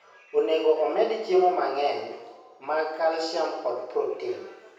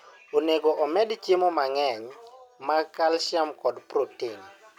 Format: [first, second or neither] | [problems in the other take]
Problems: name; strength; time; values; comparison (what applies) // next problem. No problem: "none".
second | room echo; dies away in 0.9 s